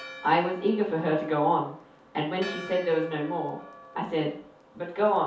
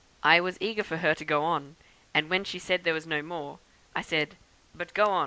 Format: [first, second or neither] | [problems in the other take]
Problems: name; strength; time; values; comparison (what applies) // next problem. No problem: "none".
second | background sound (Church bell); 18 dB below the speech // room echo; dies away in 0.5 s